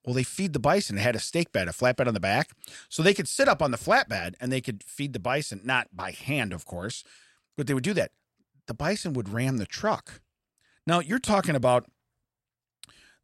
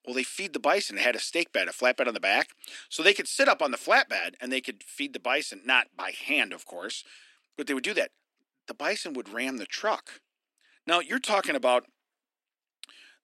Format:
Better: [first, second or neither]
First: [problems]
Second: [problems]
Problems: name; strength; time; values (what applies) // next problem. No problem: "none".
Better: first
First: none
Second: thin; somewhat; fading below 250 Hz